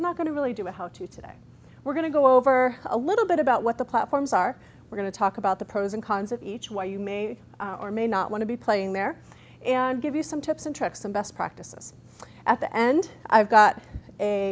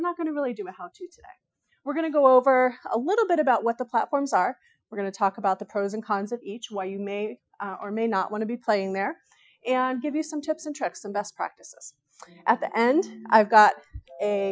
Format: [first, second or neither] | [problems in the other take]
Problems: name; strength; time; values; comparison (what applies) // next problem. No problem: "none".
first | noise reduction (classical method Wiener filter)